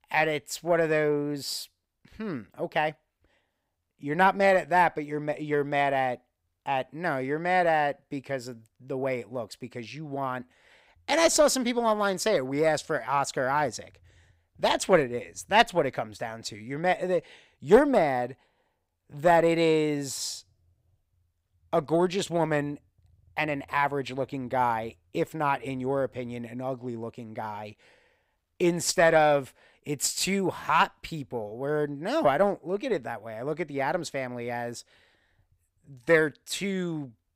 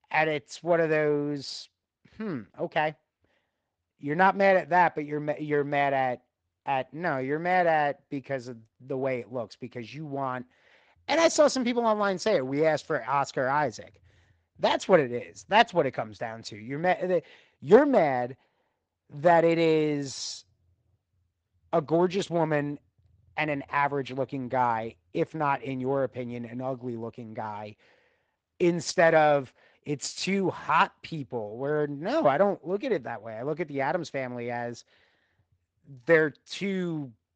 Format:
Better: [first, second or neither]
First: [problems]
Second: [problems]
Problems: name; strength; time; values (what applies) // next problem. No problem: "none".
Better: first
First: none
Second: garbled, watery; slightly